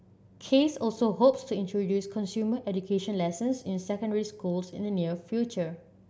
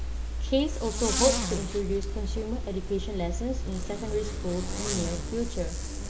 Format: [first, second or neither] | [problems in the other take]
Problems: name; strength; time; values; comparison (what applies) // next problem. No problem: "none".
first | background sound (Zipper (clothing)); as loud as the speech // room echo; dies away in 0.3 s